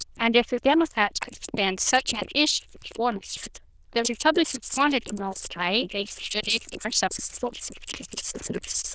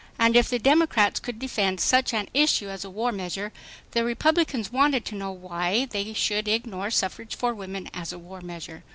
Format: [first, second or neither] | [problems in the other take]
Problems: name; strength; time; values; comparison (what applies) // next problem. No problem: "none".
second | noise reduction (neural diffusion model UNIVERSE++)